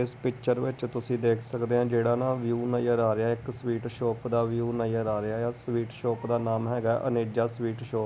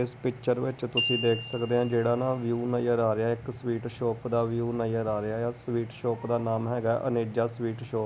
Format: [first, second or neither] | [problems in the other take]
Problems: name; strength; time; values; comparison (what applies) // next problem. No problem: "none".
first | background sound (Glockenspiel); 10 dB below the speech